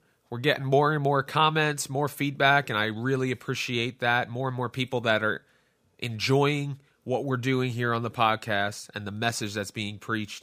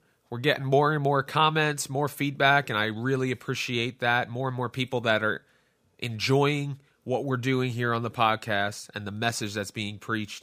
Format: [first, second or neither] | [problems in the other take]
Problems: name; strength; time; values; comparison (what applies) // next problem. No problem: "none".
neither | none